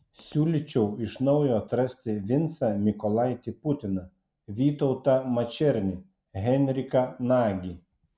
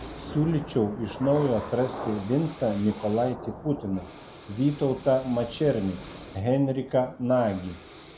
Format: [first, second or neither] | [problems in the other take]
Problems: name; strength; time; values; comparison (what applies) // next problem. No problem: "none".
first | background sound (Breathing + Thunder / Rain); 14 dB below the speech